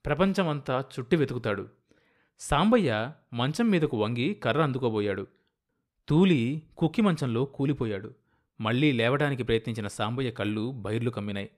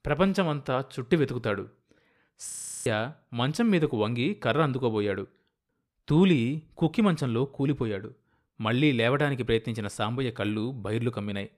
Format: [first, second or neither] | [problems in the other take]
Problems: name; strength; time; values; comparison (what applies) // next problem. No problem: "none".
first | audio freezing; at 2.5 s